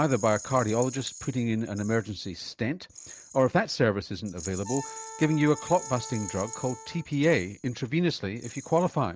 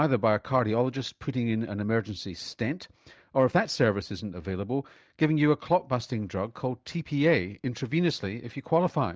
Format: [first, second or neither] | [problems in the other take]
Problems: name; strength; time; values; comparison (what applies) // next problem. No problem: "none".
second | background sound (Rattle + Wind instrument, woodwind instrument); 16 dB below the speech